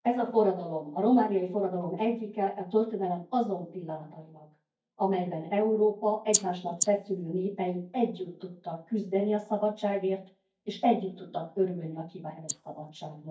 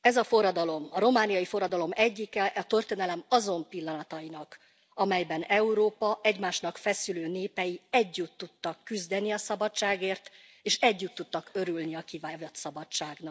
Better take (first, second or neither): second